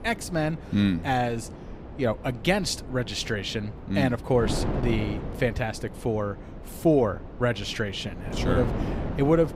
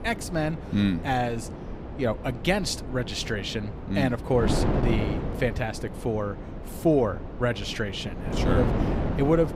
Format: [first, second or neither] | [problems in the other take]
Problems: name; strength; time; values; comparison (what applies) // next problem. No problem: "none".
first | wind noise on the microphone; heavy; 7 dB below the speech; occasional gusts in the first